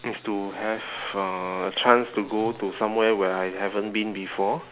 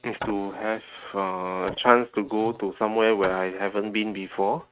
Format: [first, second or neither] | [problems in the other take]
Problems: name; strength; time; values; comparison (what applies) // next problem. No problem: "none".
first | noise reduction (neural mask model RNNoise)